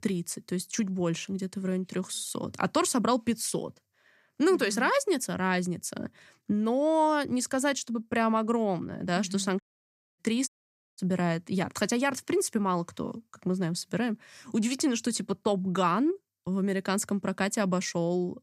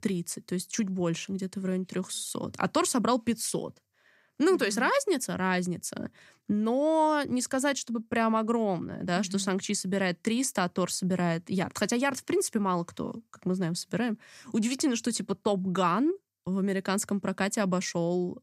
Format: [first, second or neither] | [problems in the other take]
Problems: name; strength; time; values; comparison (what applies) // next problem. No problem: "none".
second | audio cutting out; at 9.5 s for 0.5 s and at 10 s